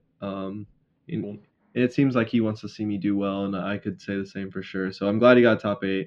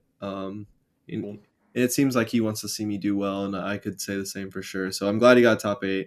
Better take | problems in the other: second | muffled; slightly; fading above 3.5 kHz

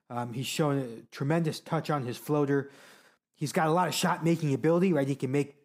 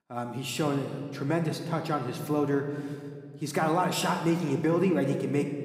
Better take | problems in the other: first | room echo; slight; dies away in 1.7 s

